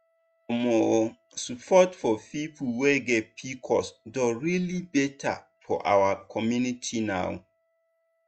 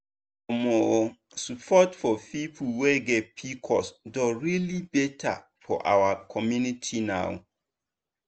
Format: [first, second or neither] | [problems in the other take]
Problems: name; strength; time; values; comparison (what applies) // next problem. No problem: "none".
second | noise reduction (classical method log-MMSE)